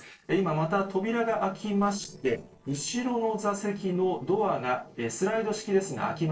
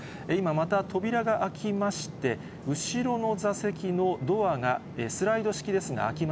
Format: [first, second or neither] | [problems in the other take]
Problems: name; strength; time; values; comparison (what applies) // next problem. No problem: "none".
second | noise reduction (neural separator model SepFormer DNS4)